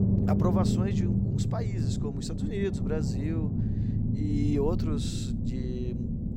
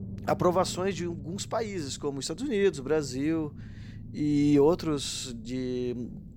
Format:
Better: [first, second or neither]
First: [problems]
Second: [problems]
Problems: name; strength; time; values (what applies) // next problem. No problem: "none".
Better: second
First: low rumble; loud; throughout; 1 dB below the speech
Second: low rumble; faint; throughout; 25 dB below the speech